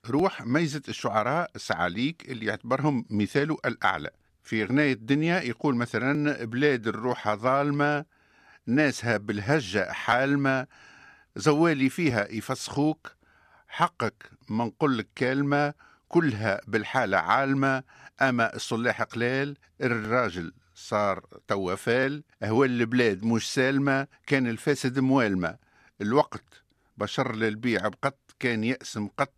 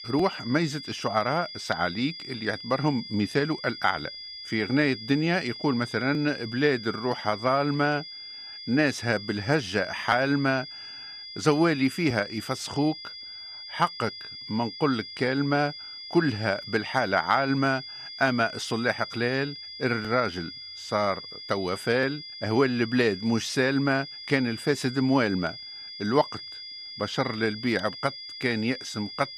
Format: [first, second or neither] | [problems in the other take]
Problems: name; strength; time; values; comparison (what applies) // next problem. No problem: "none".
first | high-pitched whine; noticeable; throughout; 5 kHz, 10 dB below the speech